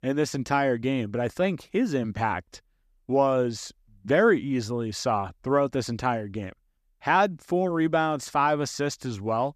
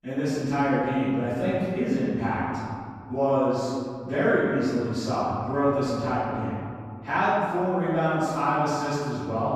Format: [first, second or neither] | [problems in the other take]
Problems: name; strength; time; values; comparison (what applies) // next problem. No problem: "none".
first | off-mic speech; far // room echo; strong; dies away in 2.4 s